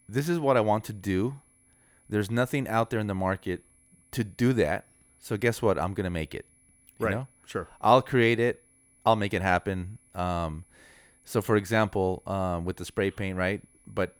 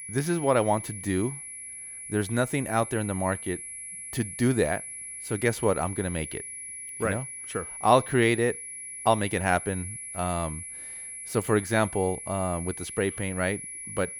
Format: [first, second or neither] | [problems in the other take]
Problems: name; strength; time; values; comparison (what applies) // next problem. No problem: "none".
first | high-pitched whine; loud; throughout; 10.5 kHz, 9 dB below the speech; faint in the first